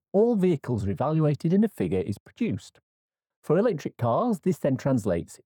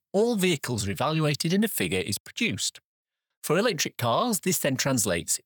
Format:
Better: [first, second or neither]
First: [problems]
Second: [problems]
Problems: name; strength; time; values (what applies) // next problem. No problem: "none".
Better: second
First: muffled; very; fading above 1.5 kHz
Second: none